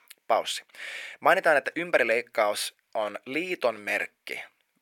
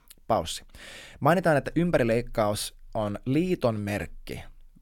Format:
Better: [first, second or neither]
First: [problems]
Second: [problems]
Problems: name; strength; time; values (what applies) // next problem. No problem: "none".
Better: second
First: thin; very; fading below 550 Hz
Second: none